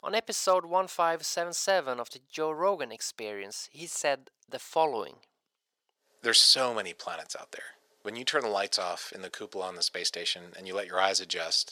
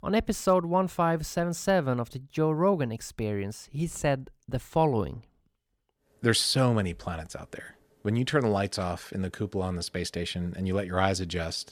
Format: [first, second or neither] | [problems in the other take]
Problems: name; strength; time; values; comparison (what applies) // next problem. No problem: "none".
second | thin; very; fading below 600 Hz